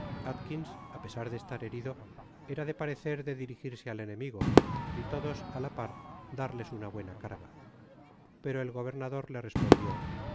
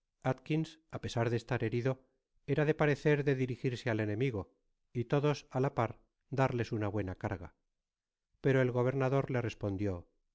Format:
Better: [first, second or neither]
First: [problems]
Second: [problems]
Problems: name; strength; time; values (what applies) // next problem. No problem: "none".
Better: second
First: background sound (Crowd / Fireworks); 5 dB above the speech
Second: none